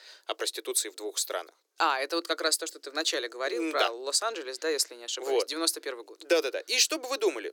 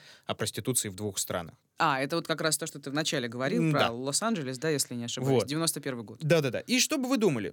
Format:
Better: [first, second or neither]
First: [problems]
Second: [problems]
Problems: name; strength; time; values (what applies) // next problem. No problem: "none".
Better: second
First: thin; very; fading below 350 Hz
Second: none